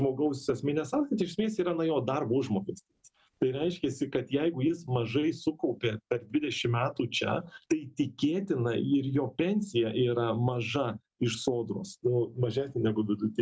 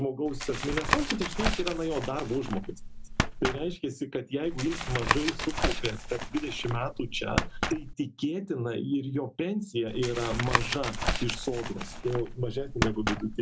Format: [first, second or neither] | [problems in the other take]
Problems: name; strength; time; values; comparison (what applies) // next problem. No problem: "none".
first | background sound (Tap); as loud as the speech